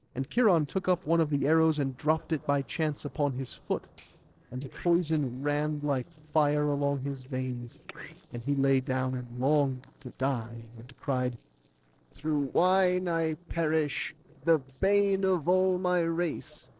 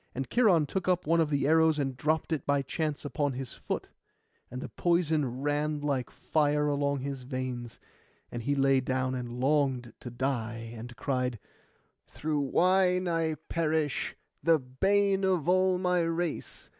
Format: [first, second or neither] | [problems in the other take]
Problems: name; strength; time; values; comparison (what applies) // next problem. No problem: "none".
second | noise reduction (neural separator model SepFormer DNS4)